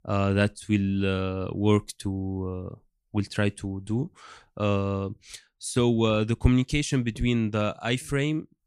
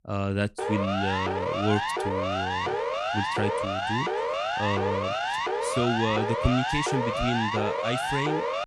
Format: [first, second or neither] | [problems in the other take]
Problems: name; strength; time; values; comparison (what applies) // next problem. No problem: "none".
first | siren; loud; from 0.5 s on; peak 3 dB above the speech